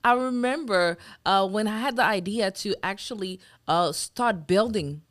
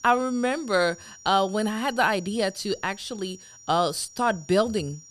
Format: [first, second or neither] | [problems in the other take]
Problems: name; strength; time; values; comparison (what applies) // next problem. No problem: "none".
first | high-pitched whine; faint; throughout; 5.5 kHz, 20 dB below the speech